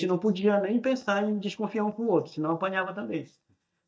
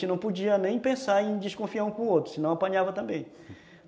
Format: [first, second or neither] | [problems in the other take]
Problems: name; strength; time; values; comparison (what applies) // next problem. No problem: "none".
second | noise reduction (neural mask model DeepFilterNet 3)